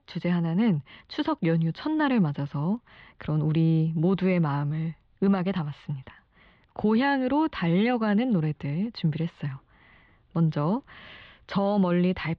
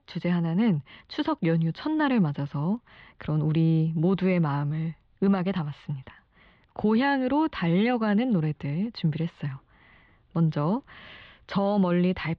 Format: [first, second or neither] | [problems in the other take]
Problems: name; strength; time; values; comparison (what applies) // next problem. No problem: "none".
neither | muffled; slightly; fading above 3.5 kHz; the same in both